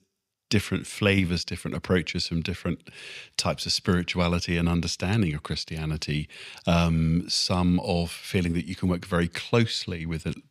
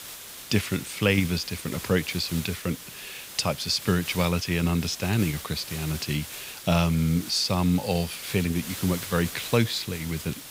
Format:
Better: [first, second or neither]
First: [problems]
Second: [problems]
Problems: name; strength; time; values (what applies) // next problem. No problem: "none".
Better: first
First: none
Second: hiss; noticeable; throughout; 10 dB below the speech